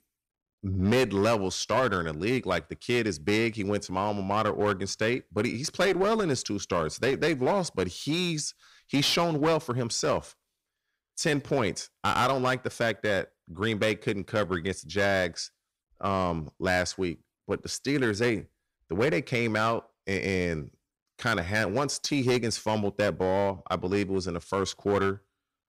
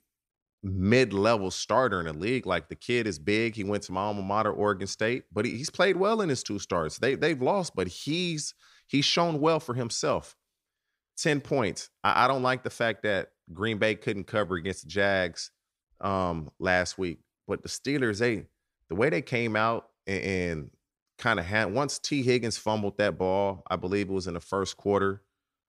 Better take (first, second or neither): second